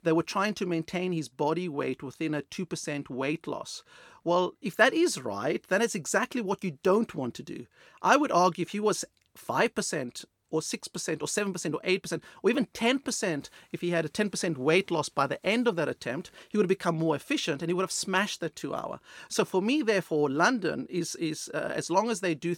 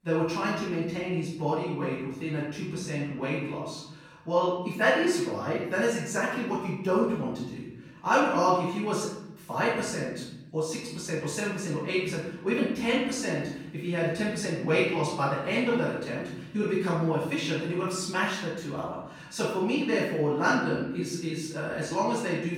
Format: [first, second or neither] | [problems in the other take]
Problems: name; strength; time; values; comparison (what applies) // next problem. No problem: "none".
first | off-mic speech; far // room echo; noticeable; dies away in 1.1 s